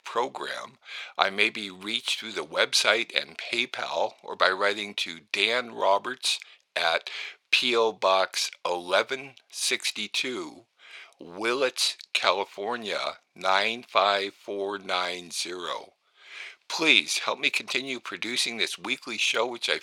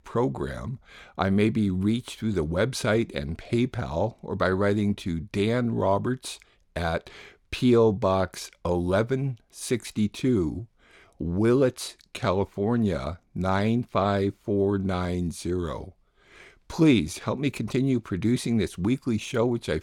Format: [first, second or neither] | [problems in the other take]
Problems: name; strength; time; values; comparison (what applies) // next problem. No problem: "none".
second | thin; very; fading below 750 Hz